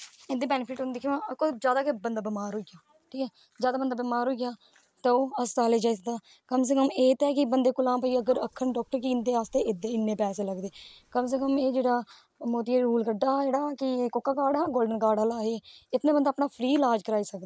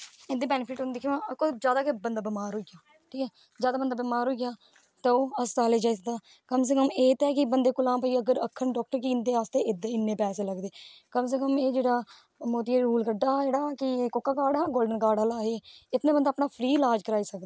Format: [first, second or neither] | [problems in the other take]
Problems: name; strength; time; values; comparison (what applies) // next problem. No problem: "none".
second | noise reduction (neural mask model Resemble Enhance denoiser)